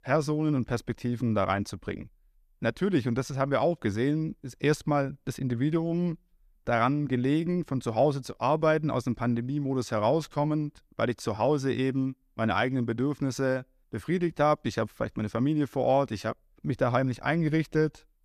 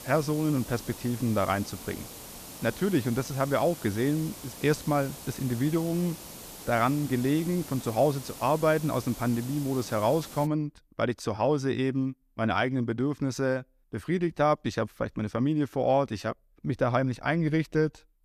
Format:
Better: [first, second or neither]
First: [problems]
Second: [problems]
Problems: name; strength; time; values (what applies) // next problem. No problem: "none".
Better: first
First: none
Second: hiss; noticeable; until 10 s; 15 dB below the speech